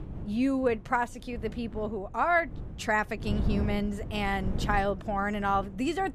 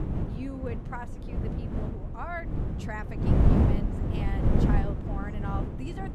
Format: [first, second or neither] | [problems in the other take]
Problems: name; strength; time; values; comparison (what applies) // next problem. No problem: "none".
first | wind noise on the microphone; heavy; 3 dB above the speech; occasional gusts in the first